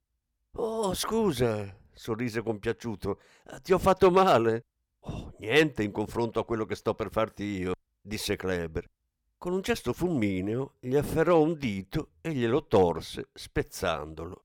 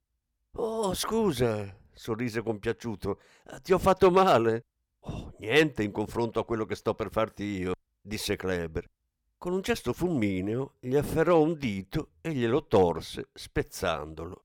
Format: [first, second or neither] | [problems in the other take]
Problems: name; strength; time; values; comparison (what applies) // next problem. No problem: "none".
neither | none